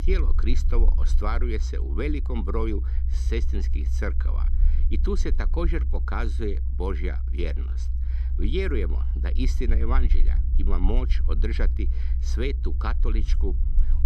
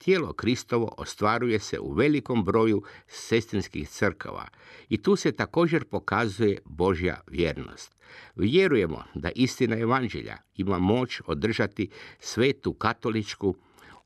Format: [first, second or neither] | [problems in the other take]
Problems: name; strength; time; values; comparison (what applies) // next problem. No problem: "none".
second | low rumble; noticeable; throughout; 10 dB below the speech